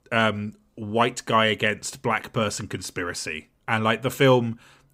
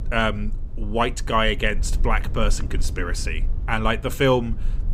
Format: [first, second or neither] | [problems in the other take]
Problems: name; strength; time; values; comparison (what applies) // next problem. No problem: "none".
first | low rumble; faint; throughout; 25 dB below the speech